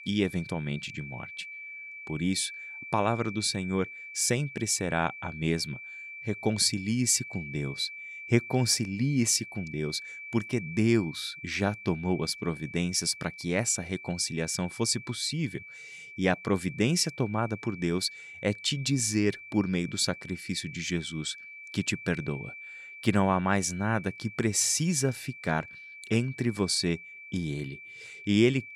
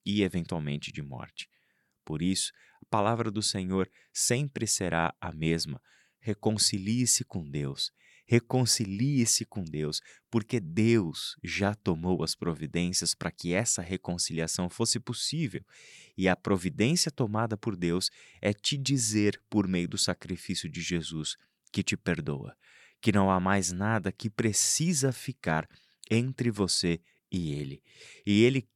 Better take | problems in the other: second | high-pitched whine; noticeable; throughout; 2.5 kHz, 15 dB below the speech

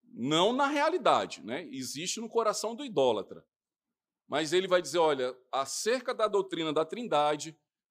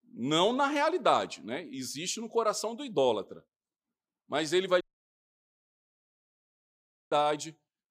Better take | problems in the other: first | audio cutting out; at 5 s for 2.5 s

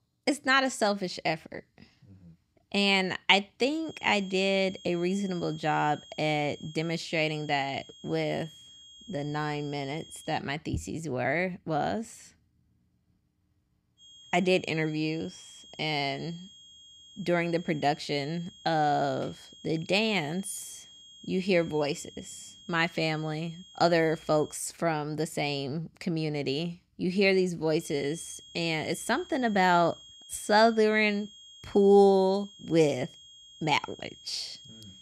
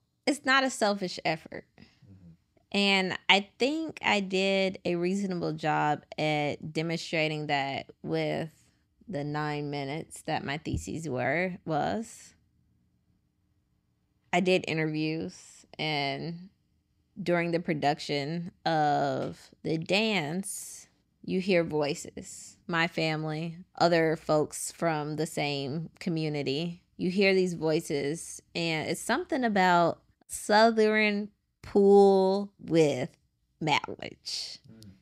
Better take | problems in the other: second | high-pitched whine; faint; from 4 to 10 s, from 14 to 25 s and from 28 s on; 3.5 kHz, 20 dB below the speech

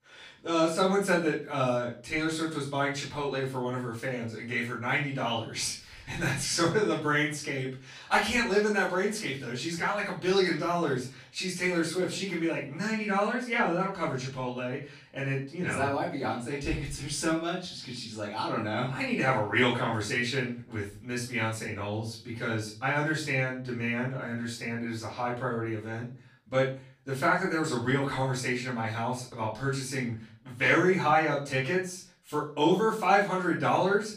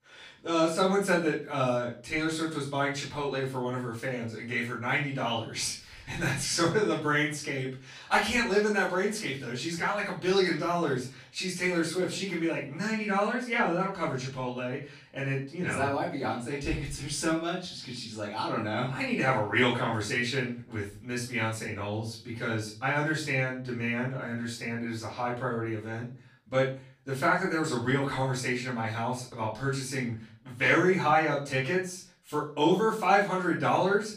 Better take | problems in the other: neither | off-mic speech; far; the same in both // room echo; noticeable; dies away in 0.4 s; the same in both

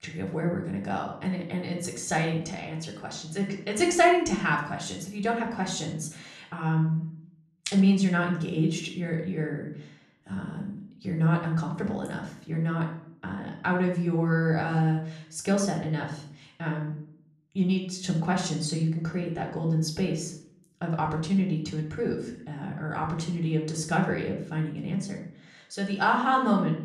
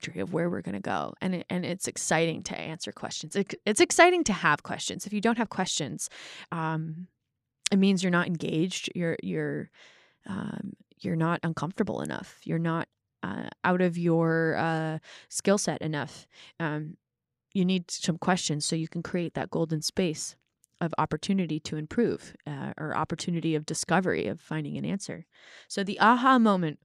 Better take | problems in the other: second | off-mic speech; somewhat distant // room echo; slight; dies away in 0.5 s

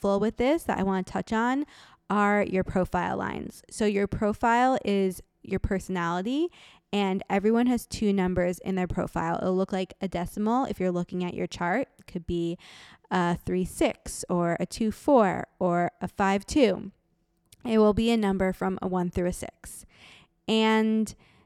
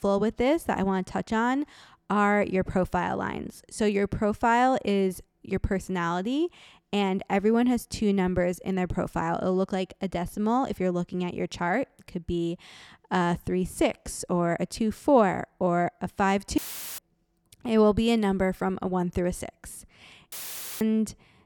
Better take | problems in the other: first | audio cutting out; filled with static; at 17 s and at 20 s

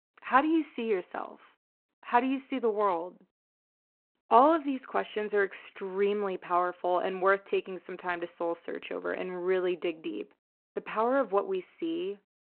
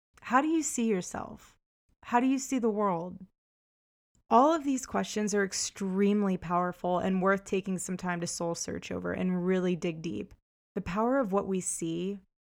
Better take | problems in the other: second | phone-call audio

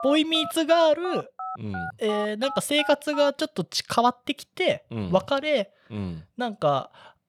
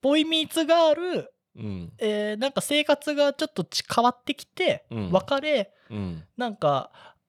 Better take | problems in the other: second | phone ringing; noticeable; until 3.5 s; peak 10 dB below the speech

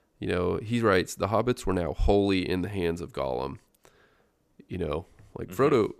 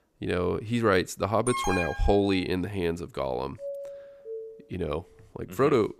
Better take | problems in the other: first | alarm; noticeable; at 1.5 s; peak 2 dB below the speech // doorbell; noticeable; from 3.5 to 4.5 s; peak 10 dB below the speech

